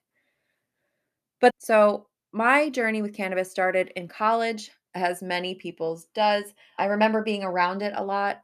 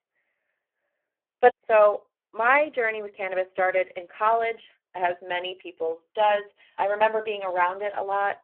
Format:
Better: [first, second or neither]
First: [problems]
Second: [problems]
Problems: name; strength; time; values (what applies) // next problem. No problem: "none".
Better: first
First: none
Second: phone-call audio; poor line